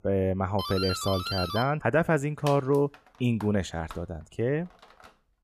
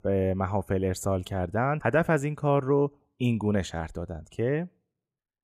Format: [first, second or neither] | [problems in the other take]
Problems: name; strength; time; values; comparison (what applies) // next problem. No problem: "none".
second | doorbell; noticeable; from 0.5 s on; peak 4 dB below the speech